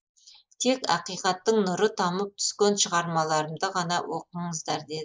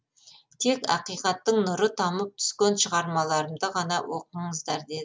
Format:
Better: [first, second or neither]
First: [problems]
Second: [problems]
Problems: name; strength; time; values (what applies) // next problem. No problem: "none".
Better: second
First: noise reduction (neural mask model Resemble Enhance denoiser)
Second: none